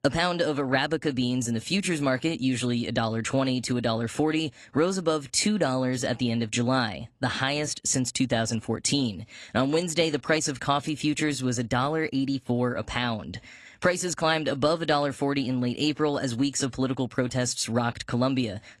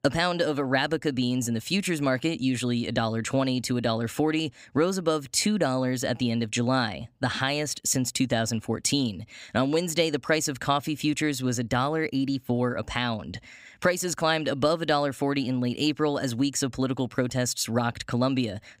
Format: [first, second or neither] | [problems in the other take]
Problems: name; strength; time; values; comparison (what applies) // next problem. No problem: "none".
second | garbled, watery; slightly; nothing above 11 kHz